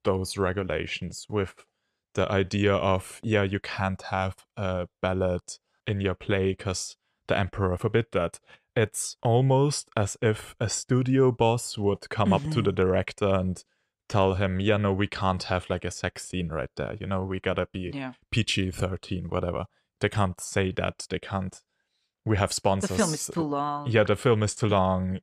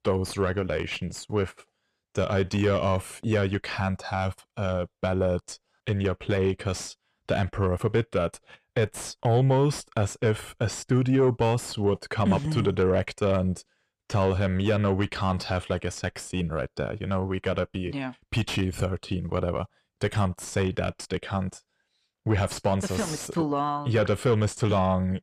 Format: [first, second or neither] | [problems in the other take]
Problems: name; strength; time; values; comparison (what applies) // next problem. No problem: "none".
first | distortion; slight; 10 dB below the speech